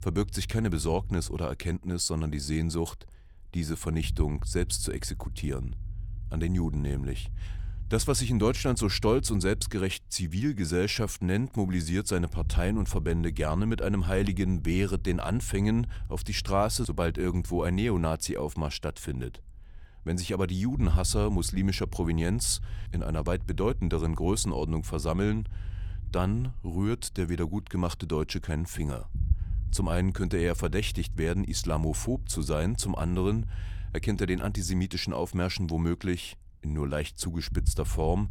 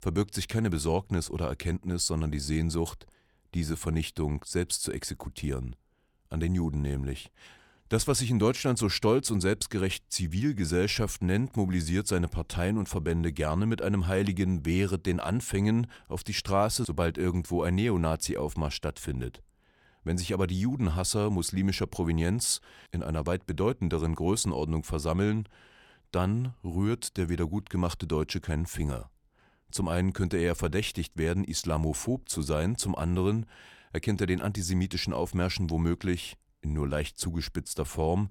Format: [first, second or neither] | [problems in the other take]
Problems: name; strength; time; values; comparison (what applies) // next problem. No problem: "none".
second | low rumble; faint; throughout; 20 dB below the speech